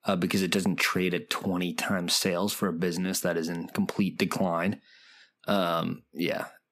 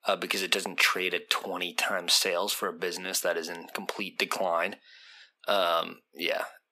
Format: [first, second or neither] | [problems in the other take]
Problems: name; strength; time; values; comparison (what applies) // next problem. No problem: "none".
first | thin; very; fading below 550 Hz